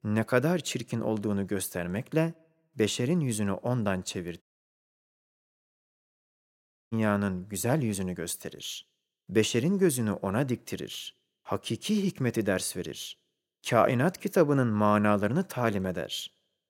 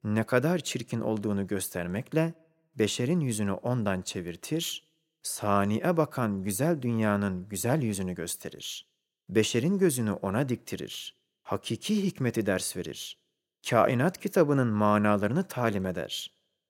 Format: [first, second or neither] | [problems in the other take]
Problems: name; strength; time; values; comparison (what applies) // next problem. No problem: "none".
second | audio cutting out; at 4.5 s for 2.5 s